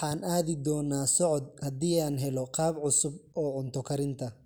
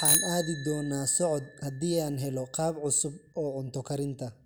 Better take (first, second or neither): first